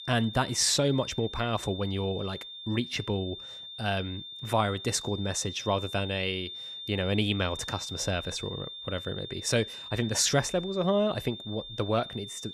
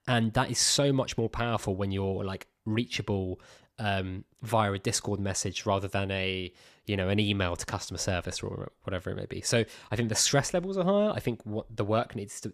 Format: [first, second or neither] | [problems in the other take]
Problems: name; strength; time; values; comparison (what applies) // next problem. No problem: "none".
second | high-pitched whine; loud; throughout; 3.5 kHz, 10 dB below the speech